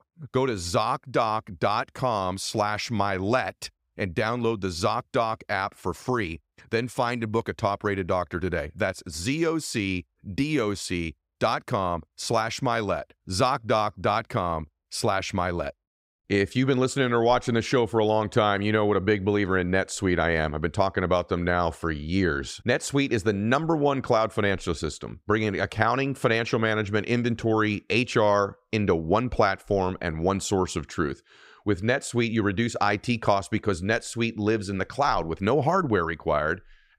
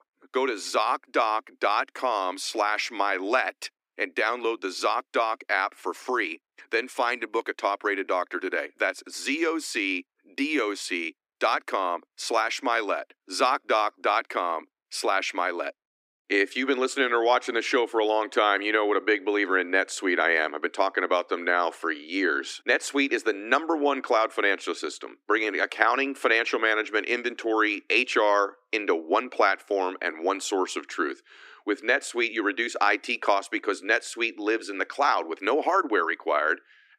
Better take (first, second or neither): first